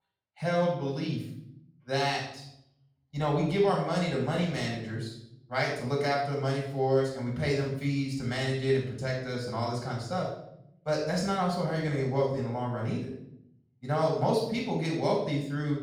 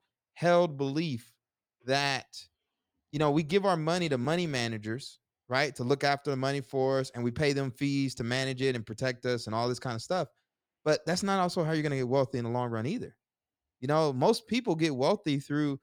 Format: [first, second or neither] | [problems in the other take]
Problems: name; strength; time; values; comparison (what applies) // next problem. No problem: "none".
second | off-mic speech; far // room echo; noticeable; dies away in 0.7 s